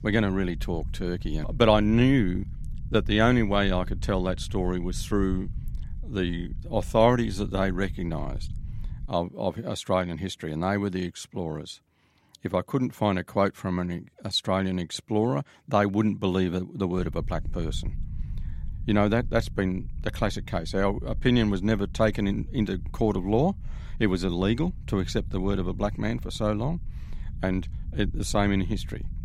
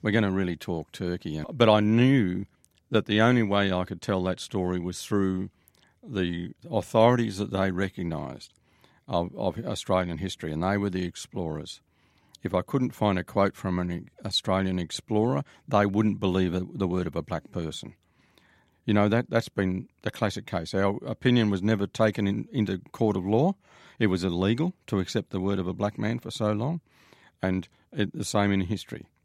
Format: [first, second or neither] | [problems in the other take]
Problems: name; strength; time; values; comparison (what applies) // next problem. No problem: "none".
second | low rumble; faint; until 9 s and from 17 s on; 25 dB below the speech